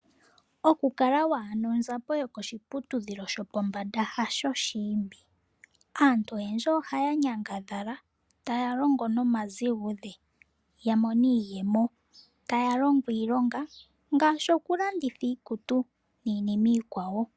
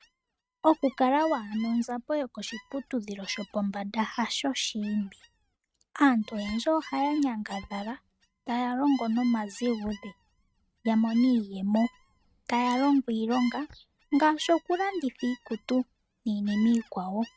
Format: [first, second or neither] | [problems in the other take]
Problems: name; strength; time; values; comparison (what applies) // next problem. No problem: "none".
first | noise reduction (neural mask model RNNoise)